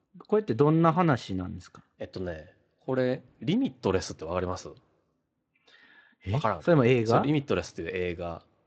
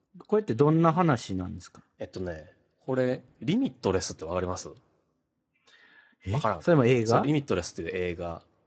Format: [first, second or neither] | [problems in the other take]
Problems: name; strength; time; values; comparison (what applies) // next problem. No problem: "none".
first | garbled, watery; badly; nothing above 7.5 kHz; slightly in the first